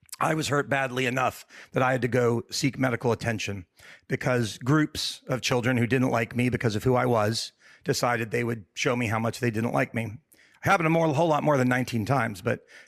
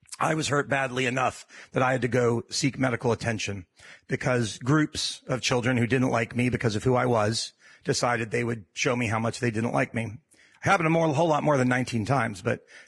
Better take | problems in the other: first | garbled, watery; badly; nothing above 10.5 kHz

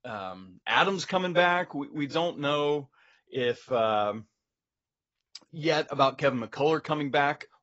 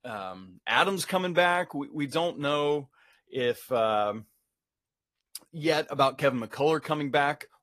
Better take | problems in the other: second | garbled, watery; badly; nothing above 7.5 kHz; slightly in the second

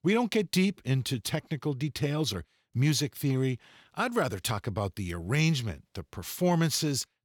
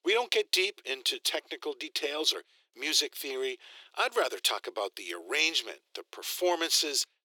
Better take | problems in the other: first | thin; very; fading below 350 Hz

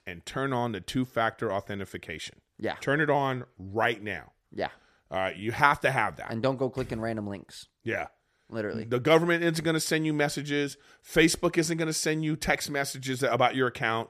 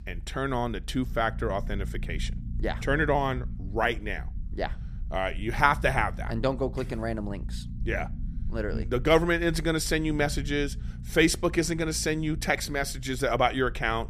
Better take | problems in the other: first | low rumble; faint; throughout; 25 dB below the speech

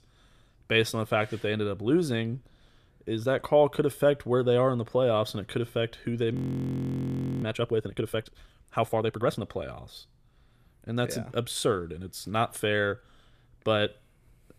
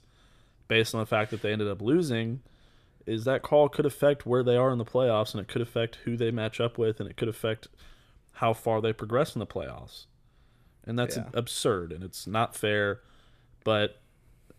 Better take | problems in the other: second | audio freezing; at 6.5 s for 1 s

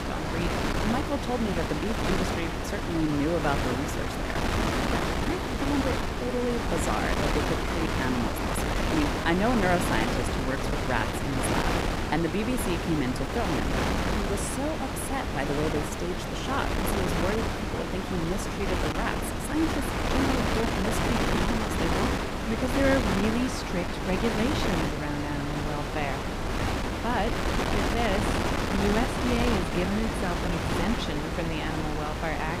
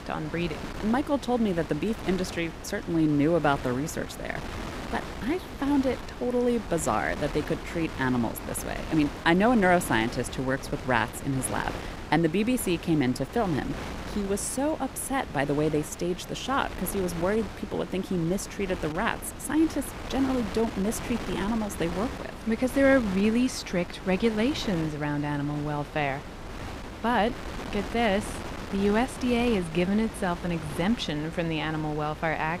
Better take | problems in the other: second | wind noise on the microphone; heavy; 3 dB above the speech; occasional gusts in the second

